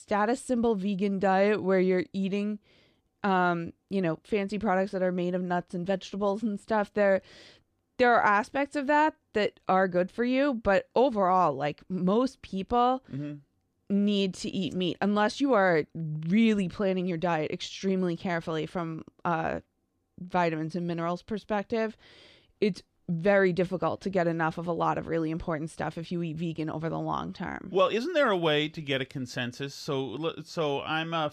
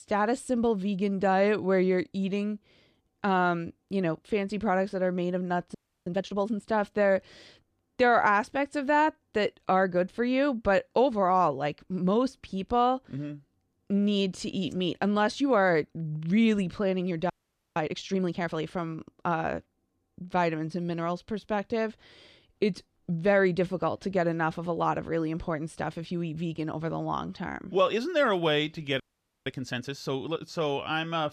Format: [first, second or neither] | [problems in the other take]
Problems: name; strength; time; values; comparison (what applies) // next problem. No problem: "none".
first | audio freezing; at 6 s, at 17 s and at 29 s